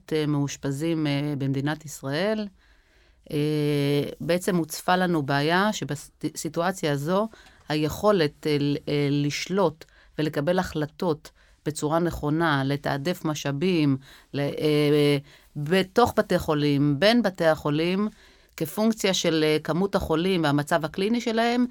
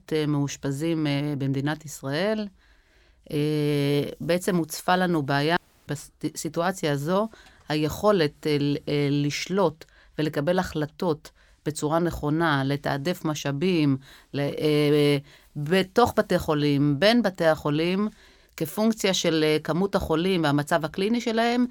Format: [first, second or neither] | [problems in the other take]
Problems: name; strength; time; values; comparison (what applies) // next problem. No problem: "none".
first | audio cutting out; at 5.5 s